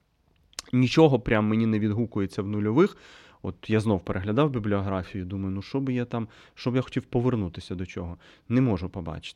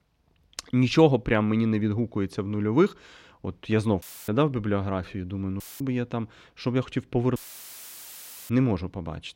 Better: first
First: none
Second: audio cutting out; filled with static; at 4 s, at 5.5 s and at 7.5 s for 1 s

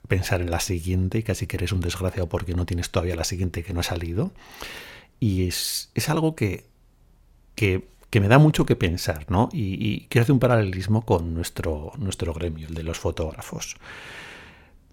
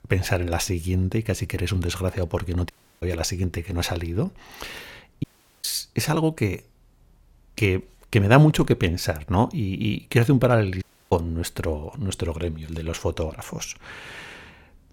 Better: first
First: none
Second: audio cutting out; at 2.5 s, at 5 s and at 11 s

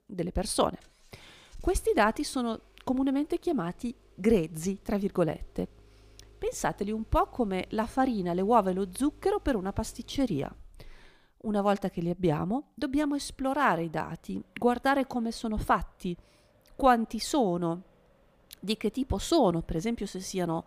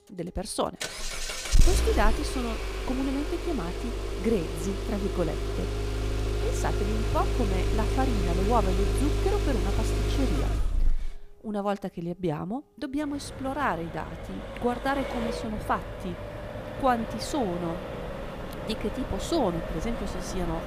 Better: first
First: traffic noise; faint; throughout; 30 dB below the speech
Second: traffic noise; loud; throughout; as loud as the speech

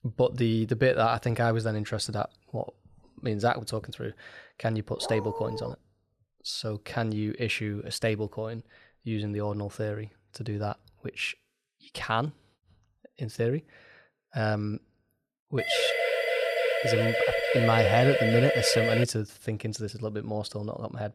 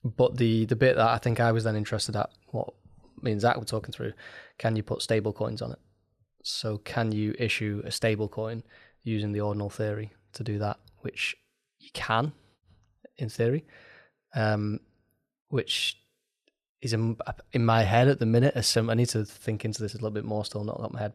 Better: second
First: dog barking; noticeable; at 5 s; peak 7 dB below the speech // siren; loud; from 16 to 19 s; peak 4 dB above the speech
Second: none

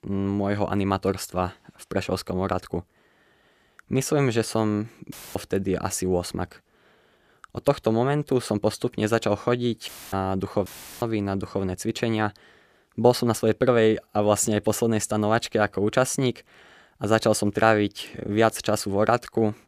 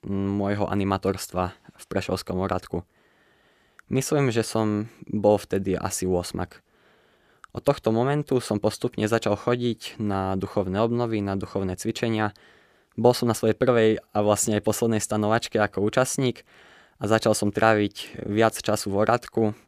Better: second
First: audio cutting out; filled with static; at 5 s, at 10 s and at 11 s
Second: none

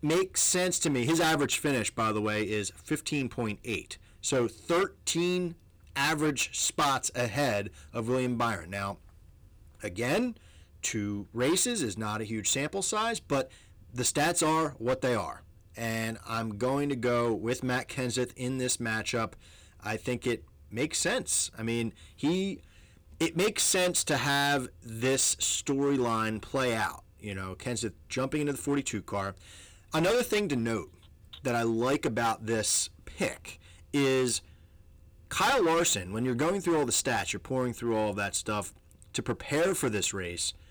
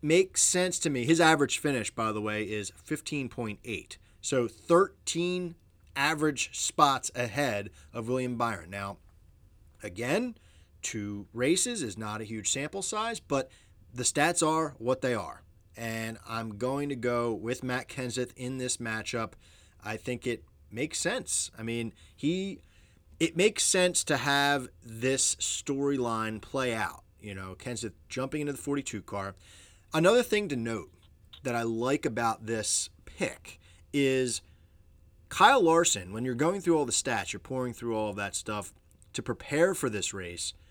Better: second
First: distortion; heavy; 9% of the sound clipped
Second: none

